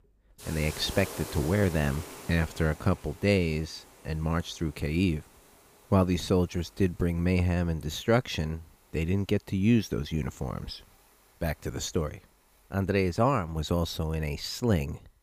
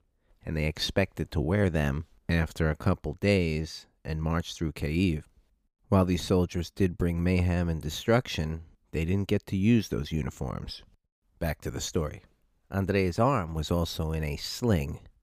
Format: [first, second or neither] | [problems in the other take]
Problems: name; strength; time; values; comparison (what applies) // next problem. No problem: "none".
second | hiss; noticeable; throughout; 15 dB below the speech